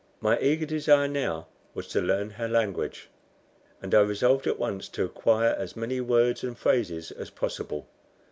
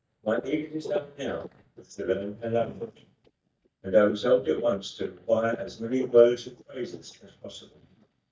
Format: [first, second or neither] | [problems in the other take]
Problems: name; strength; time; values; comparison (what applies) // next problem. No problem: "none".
first | noise reduction (neural mask model DeepFilterNet 3)